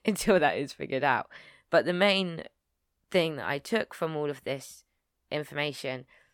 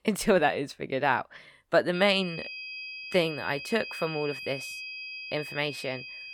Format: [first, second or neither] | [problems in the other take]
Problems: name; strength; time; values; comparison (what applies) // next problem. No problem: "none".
first | high-pitched whine; loud; from 2 s on; 2.5 kHz, 9 dB below the speech